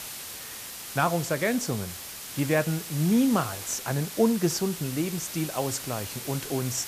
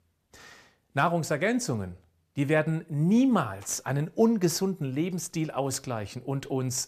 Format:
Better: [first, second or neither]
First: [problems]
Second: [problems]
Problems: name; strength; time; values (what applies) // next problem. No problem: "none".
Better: second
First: hiss; loud; throughout; 8 dB below the speech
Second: none